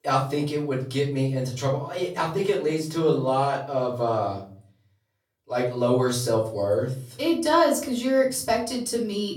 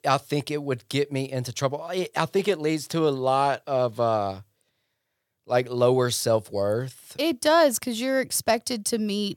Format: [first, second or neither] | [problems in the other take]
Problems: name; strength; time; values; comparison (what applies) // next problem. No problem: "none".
second | off-mic speech; far // room echo; slight; dies away in 0.5 s